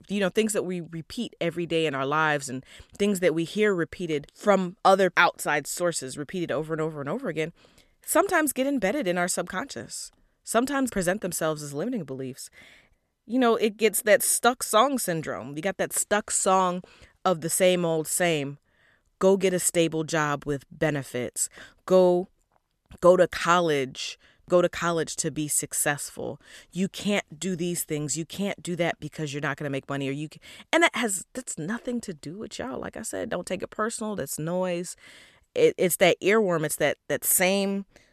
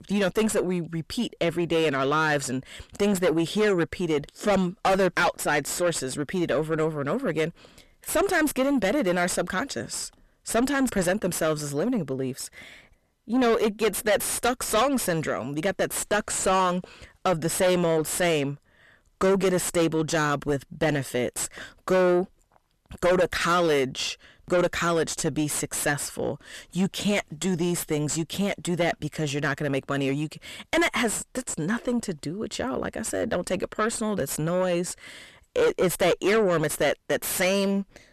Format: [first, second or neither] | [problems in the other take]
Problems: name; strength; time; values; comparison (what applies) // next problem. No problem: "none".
first | distortion; heavy; 5 dB below the speech